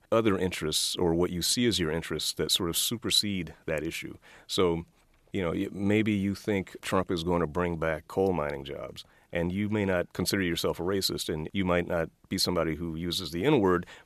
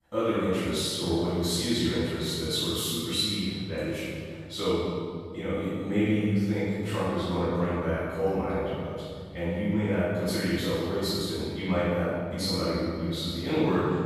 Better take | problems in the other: first | off-mic speech; far // room echo; strong; dies away in 2.5 s

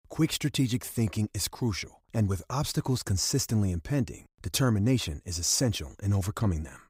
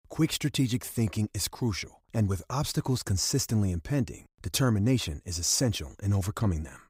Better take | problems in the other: neither | none

